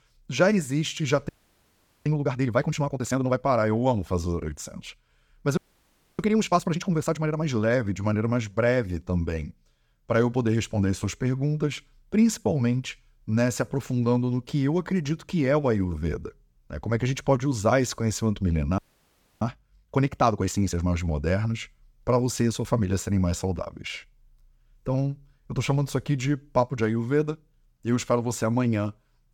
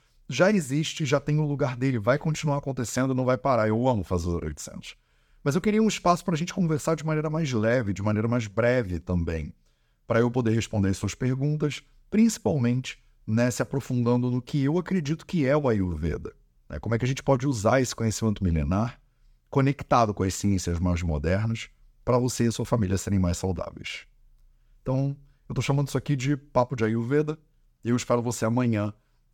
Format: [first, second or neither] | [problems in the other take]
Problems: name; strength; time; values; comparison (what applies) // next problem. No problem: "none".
second | audio freezing; at 1.5 s for 1 s, at 5.5 s for 0.5 s and at 19 s for 0.5 s